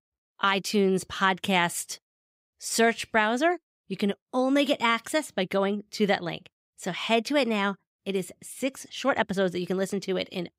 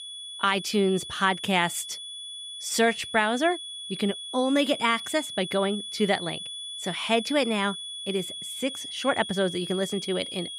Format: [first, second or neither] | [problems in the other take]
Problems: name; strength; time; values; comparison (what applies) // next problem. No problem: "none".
first | high-pitched whine; loud; throughout; 3.5 kHz, 8 dB below the speech